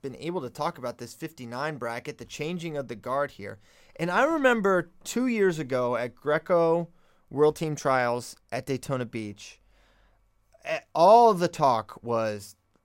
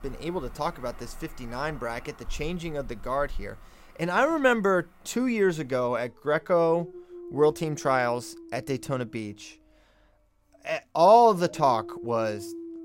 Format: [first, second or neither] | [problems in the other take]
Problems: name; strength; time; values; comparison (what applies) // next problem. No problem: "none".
first | animal sounds; noticeable; throughout; 20 dB below the speech